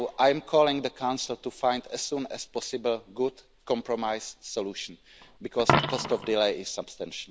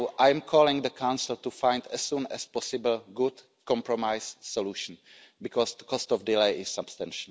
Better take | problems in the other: second | background sound (Coin (dropping)); 7 dB below the speech

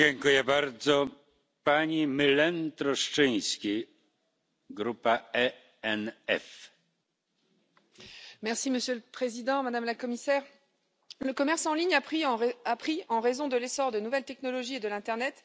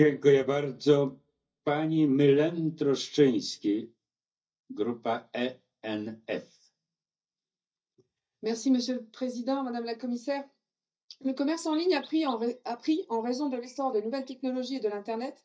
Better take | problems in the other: first | noise reduction (neural mask model DeepFilterNet 3)

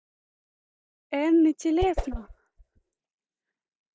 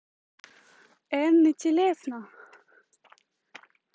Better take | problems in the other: second | noise reduction (neural mask model DeepFilterNet 3)

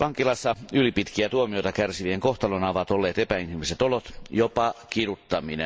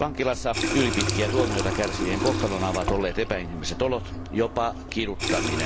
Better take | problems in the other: first | background sound (Water tap, faucet); 2 dB below the speech

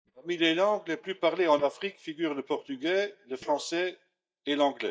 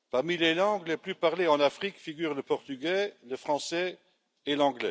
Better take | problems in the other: second | noise reduction (neural mask model DeepFilterNet 3)

